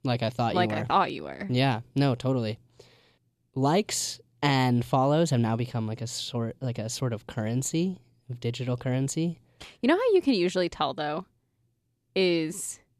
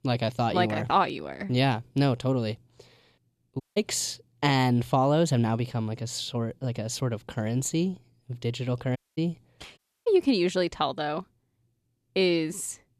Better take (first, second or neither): first